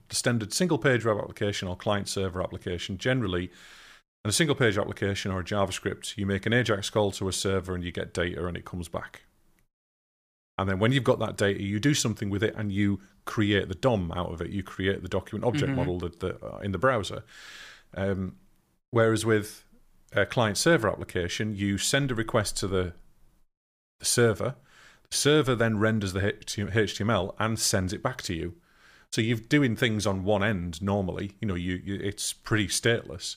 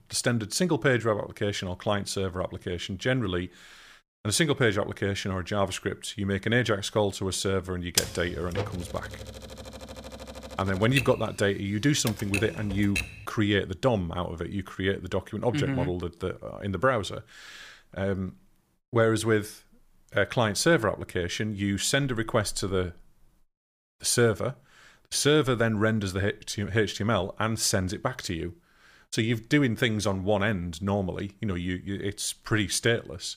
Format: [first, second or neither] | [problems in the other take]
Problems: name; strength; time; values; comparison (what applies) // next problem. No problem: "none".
first | keyboard typing; loud; from 8 to 13 s; peak 1 dB above the speech